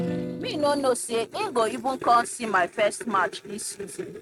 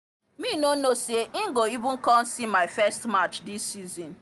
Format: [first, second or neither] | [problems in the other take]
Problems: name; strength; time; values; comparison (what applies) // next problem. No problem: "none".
second | noise reduction (neural mask model RNNoise)